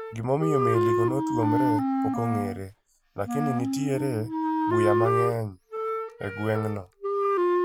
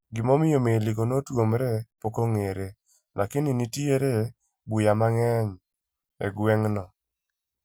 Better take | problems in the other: second | background sound (Wind instrument, woodwind instrument); 3 dB above the speech

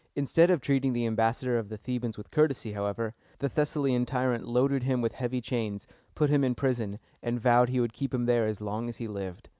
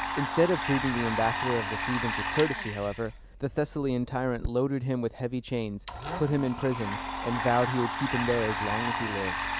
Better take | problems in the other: first | background sound (Domestic sounds, home sounds); 4 dB below the speech

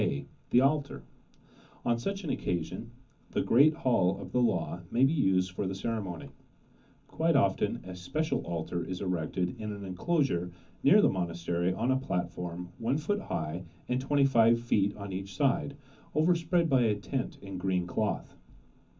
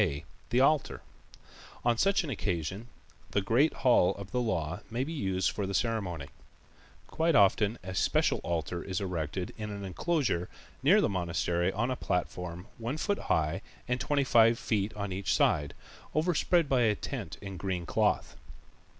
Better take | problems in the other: second | room echo; dies away in 0.3 s

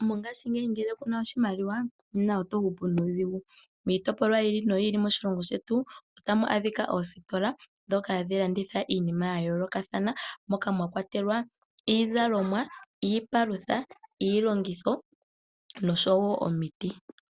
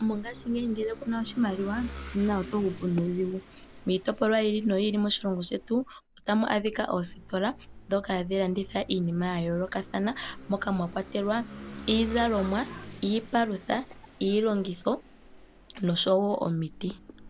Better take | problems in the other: first | background sound (Engine / Vehicle); 16 dB below the speech

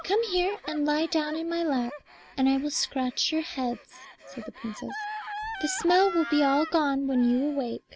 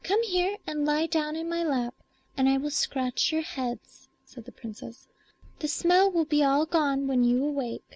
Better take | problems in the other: second | background sound (Gasp); 13 dB below the speech

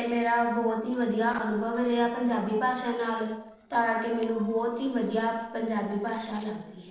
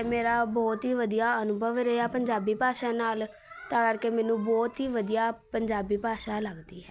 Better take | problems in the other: second | noise reduction (neural separator model SepFormer DNS4)

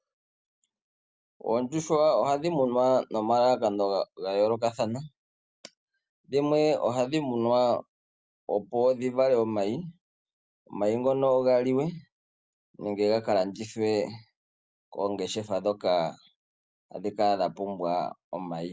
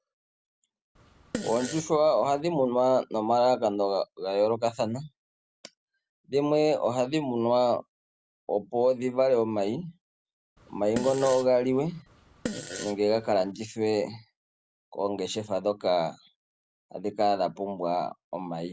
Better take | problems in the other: first | background sound (Fart); 12 dB below the speech

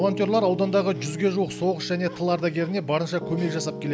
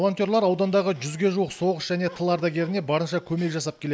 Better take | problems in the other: second | background sound (Piano); 10 dB below the speech

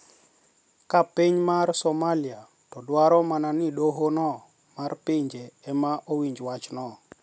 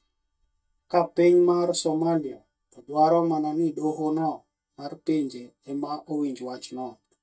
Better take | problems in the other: first | noise reduction (neural mask model DeepFilterNet 3)

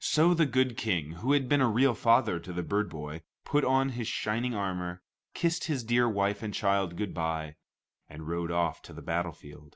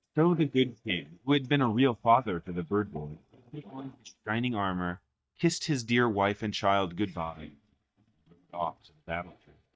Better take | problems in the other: first | noise reduction (neural mask model DeepFilterNet 3)

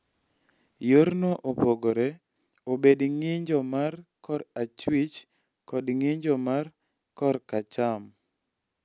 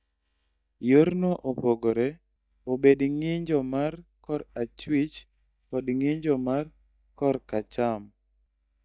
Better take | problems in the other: first | noise reduction (neural mask model DeepFilterNet 3)

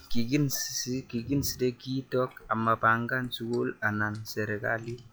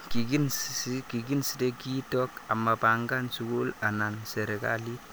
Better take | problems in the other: second | noise reduction (classical method log-MMSE)

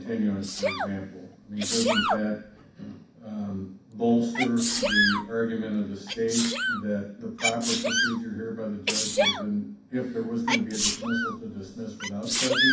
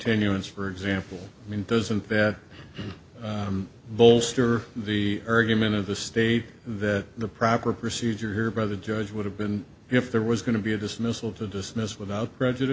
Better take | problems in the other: second | background sound (Sneeze); as loud as the speech // room echo; dies away in 0.6 s

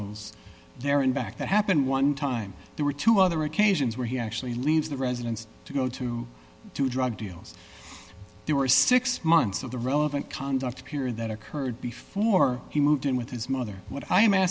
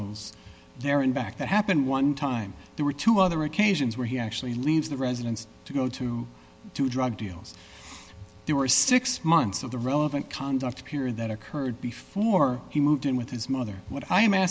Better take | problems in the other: first | background sound (Bowed string instrument); 18 dB below the speech

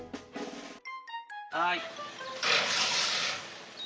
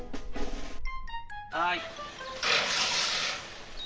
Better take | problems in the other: first | background sound (Wind); 3 dB below the speech

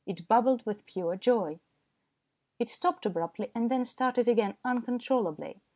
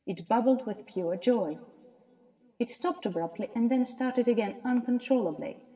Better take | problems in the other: first | room echo; dies away in 1.7 s

